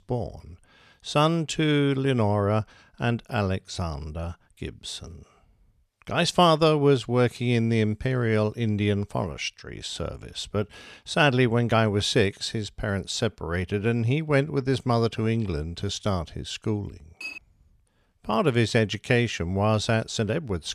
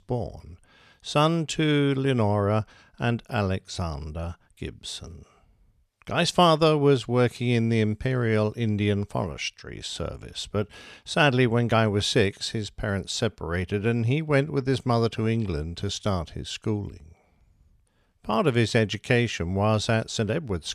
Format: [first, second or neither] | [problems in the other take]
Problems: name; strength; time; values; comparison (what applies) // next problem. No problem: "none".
second | clattering dishes; faint; at 17 s; peak 10 dB below the speech